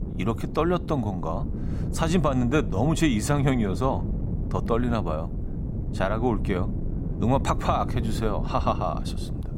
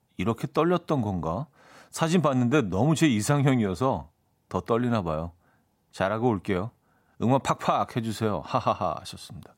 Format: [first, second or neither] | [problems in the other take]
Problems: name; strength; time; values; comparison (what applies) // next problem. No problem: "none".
second | wind noise on the microphone; occasional gusts; 15 dB below the speech